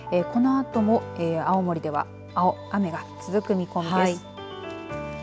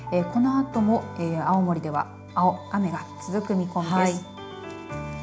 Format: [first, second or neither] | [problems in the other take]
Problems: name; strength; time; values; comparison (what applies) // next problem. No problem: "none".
first | room echo; dies away in 0.4 s